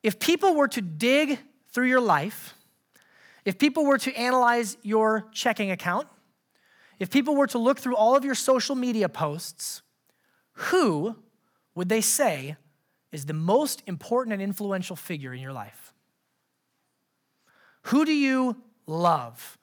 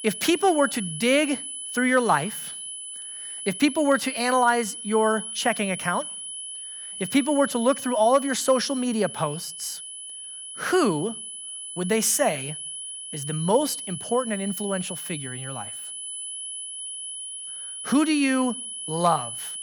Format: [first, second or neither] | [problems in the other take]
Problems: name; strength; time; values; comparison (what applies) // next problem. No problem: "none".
first | high-pitched whine; loud; throughout; 10 kHz, 9 dB below the speech